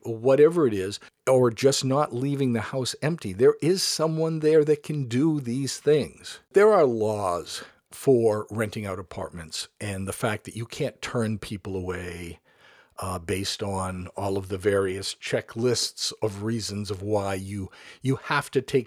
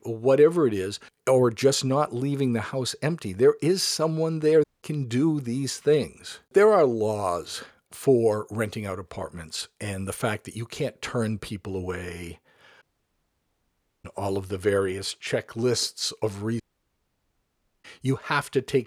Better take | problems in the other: first | audio cutting out; at 4.5 s, at 13 s for 1 s and at 17 s for 1 s

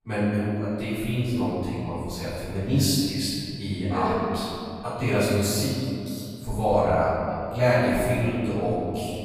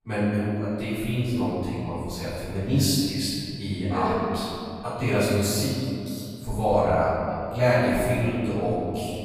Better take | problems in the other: neither | off-mic speech; far; the same in both // room echo; strong; dies away in 2.8 s; the same in both

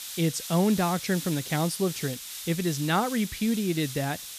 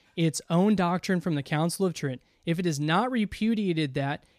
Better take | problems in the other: second | hiss; loud; throughout; 8 dB below the speech

